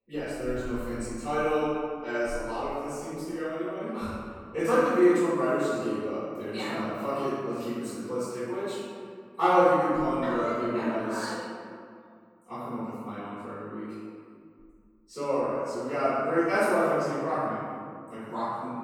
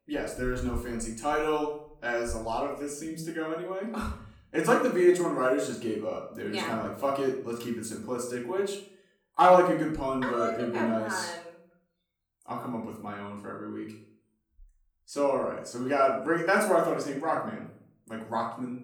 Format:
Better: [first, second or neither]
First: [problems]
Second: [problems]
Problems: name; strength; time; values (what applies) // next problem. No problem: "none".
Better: second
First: room echo; strong; dies away in 1.9 s // off-mic speech; far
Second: room echo; slight; dies away in 0.5 s // off-mic speech; far